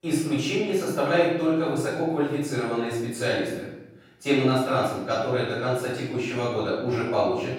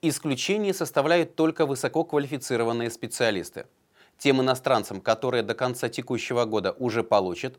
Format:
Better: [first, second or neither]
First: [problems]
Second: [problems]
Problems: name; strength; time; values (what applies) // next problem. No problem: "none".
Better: second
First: room echo; strong; dies away in 0.9 s // off-mic speech; far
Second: none